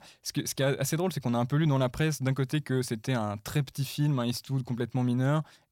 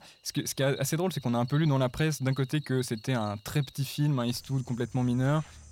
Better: first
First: none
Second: animal sounds; faint; throughout; 20 dB below the speech

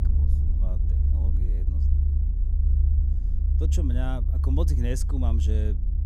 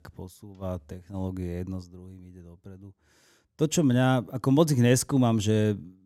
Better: second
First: low rumble; loud; throughout; 5 dB below the speech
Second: none

